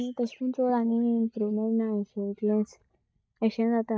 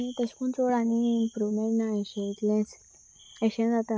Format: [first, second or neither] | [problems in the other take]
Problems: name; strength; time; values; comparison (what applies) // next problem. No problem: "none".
second | noise reduction (neural mask model DeepFilterNet 3)